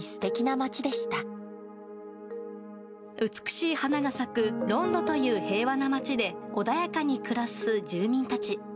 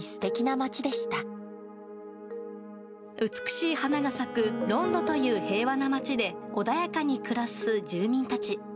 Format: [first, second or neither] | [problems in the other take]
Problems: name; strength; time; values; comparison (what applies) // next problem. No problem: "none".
first | background sound (Wind instrument, woodwind instrument); 13 dB below the speech